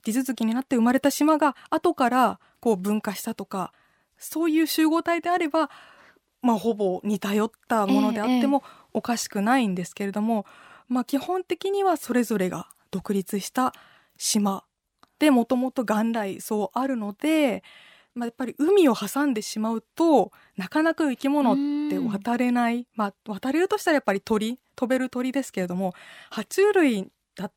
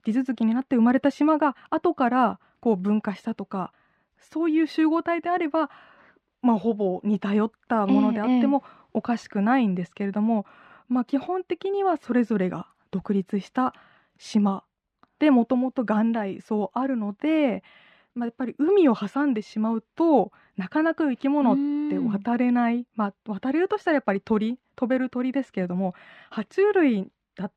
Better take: first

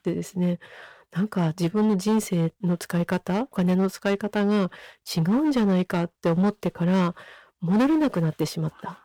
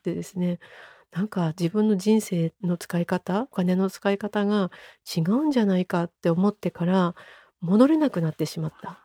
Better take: second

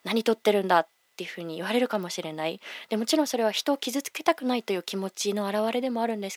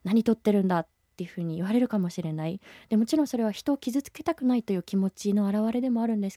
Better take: second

